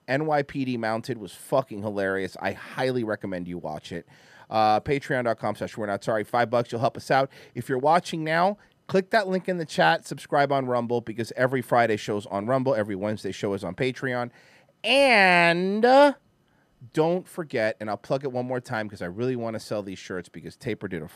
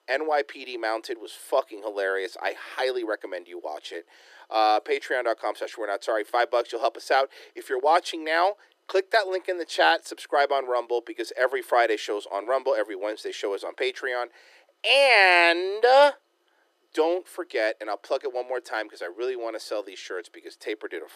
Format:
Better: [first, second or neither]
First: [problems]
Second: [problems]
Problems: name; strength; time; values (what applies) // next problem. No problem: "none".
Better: first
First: none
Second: thin; very; fading below 350 Hz